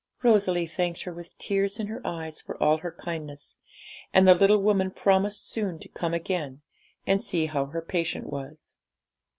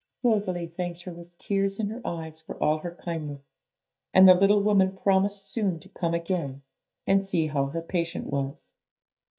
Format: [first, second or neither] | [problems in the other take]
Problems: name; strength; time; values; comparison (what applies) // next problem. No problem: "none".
first | noise reduction (neural mask model DeepFilterNet 3)